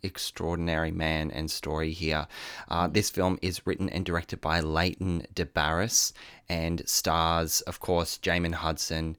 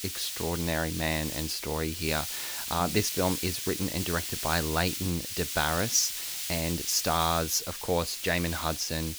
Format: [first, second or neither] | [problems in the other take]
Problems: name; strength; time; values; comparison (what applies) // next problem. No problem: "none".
first | hiss; loud; throughout; 4 dB below the speech